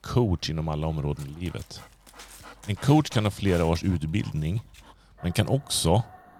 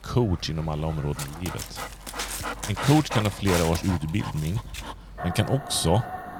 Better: first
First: animal sounds; faint; throughout; 20 dB below the speech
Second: animal sounds; loud; throughout; 8 dB below the speech

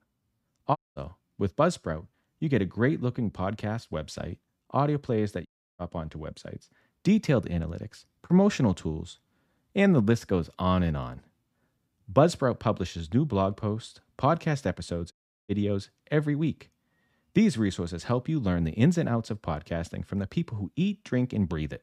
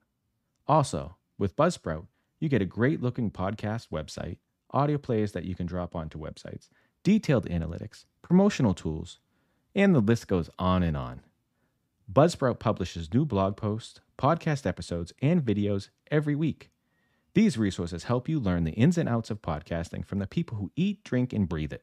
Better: second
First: audio cutting out; at 1 s, at 5.5 s and at 15 s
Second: none

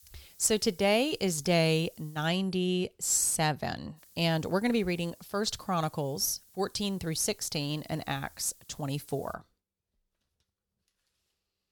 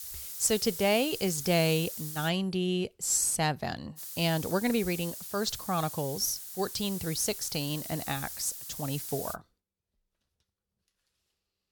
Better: first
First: hiss; faint; until 2.5 s and from 4 to 9.5 s; 25 dB below the speech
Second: hiss; loud; until 2.5 s and from 4 to 9.5 s; 8 dB below the speech

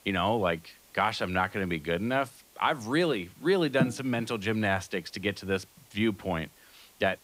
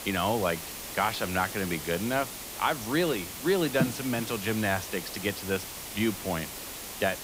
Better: first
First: hiss; faint; throughout; 25 dB below the speech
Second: hiss; loud; throughout; 7 dB below the speech

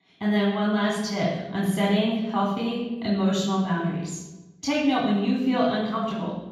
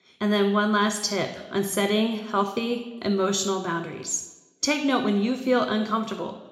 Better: second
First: room echo; strong; dies away in 1.3 s // off-mic speech; far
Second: room echo; slight; dies away in 0.7 s // off-mic speech; somewhat distant

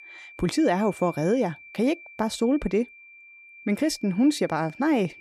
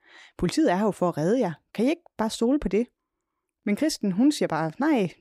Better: second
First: high-pitched whine; noticeable; throughout; 2.5 kHz, 20 dB below the speech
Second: none

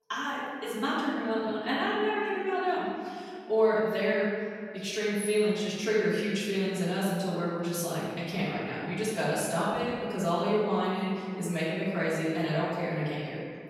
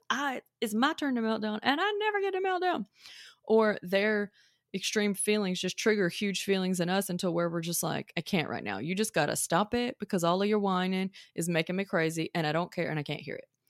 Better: second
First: off-mic speech; far // room echo; strong; dies away in 2.1 s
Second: none

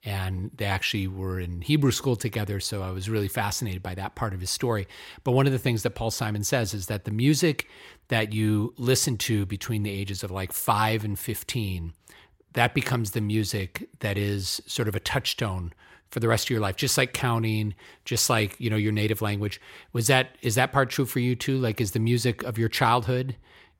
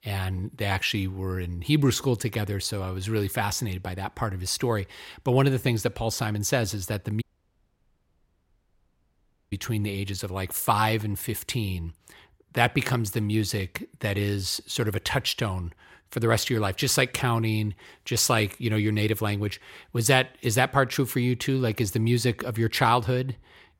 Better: first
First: none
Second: audio cutting out; at 7 s for 2.5 s

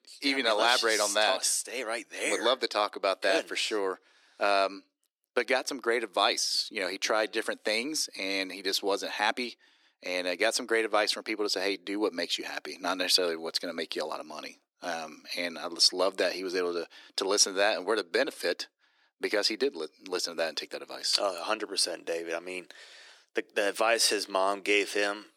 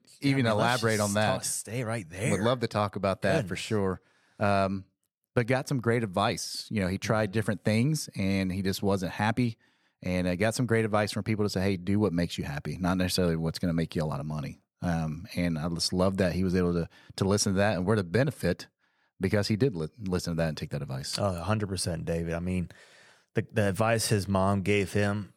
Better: second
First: thin; very; fading below 300 Hz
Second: none

